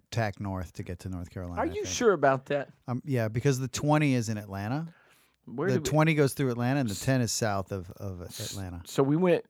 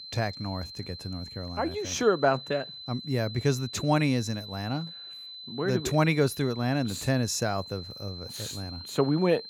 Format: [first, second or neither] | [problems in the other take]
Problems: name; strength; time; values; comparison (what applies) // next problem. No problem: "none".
first | high-pitched whine; noticeable; throughout; 4 kHz, 10 dB below the speech